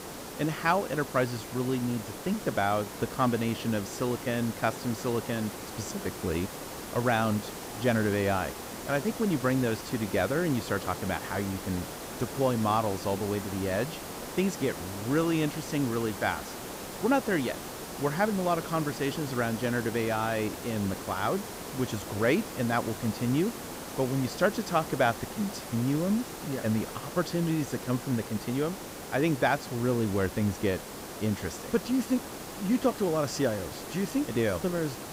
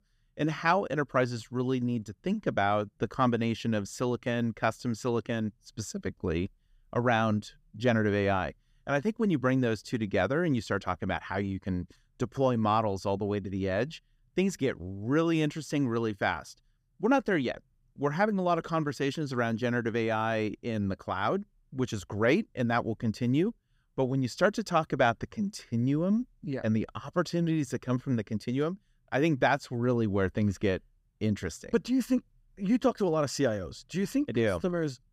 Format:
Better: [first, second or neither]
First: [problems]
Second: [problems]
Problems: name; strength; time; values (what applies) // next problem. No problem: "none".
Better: second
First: hiss; loud; throughout; 9 dB below the speech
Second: none